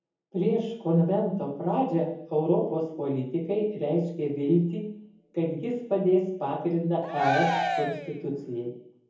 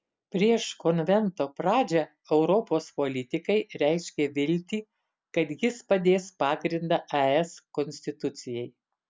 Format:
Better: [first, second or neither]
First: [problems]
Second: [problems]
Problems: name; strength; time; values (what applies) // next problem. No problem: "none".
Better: second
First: background sound (Cheering); 2 dB below the speech // room echo; dies away in 0.7 s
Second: none